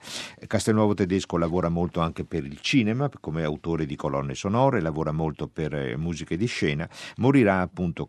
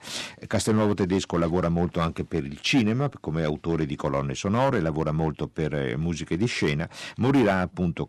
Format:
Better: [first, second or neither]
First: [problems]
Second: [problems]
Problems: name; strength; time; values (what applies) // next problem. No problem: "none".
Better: first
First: none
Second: distortion; slight; 4% of the sound clipped